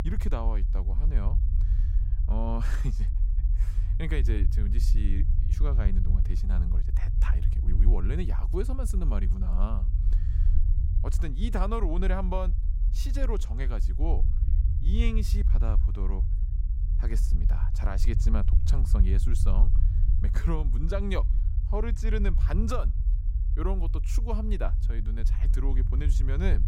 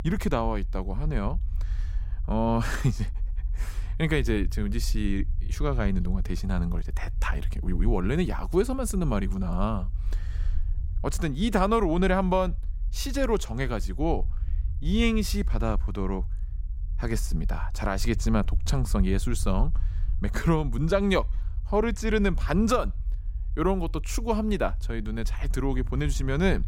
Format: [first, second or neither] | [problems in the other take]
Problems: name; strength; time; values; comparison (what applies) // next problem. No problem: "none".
second | low rumble; loud; throughout; 9 dB below the speech; faint in the second